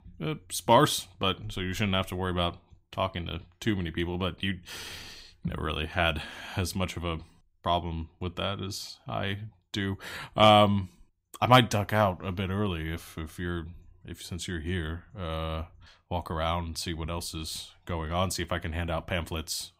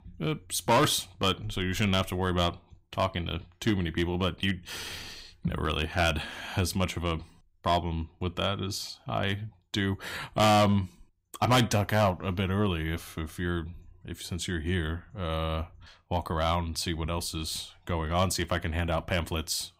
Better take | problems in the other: first | distortion; heavy; 2% of the sound clipped

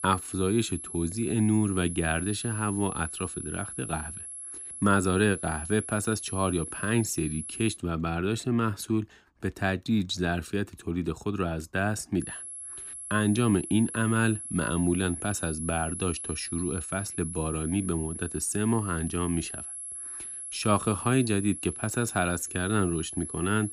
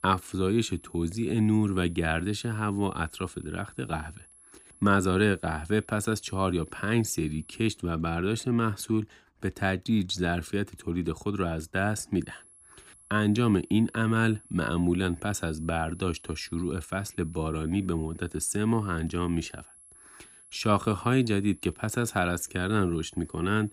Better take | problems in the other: second | high-pitched whine; loud; until 8 s and from 12 s on; 11 kHz, 8 dB below the speech; faint in the second

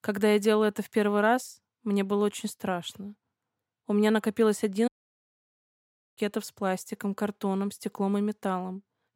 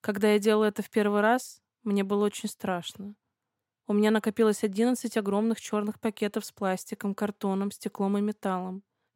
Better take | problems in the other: second | audio cutting out; at 5 s for 1.5 s

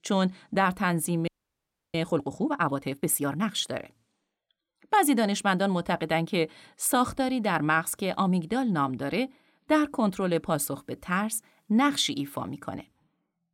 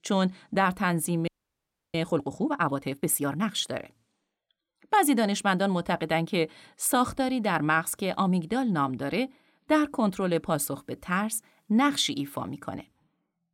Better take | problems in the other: neither | audio freezing; at 1.5 s for 0.5 s; the same in both

